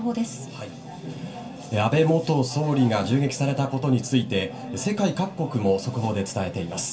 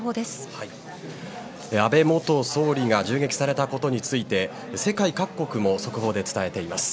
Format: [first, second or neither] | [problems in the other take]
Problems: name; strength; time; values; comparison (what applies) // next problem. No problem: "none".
second | room echo; dies away in 0.2 s